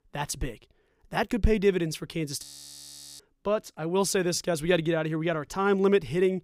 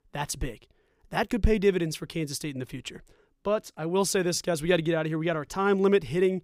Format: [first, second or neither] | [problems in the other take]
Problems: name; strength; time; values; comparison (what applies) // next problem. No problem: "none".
second | audio freezing; at 2.5 s for 1 s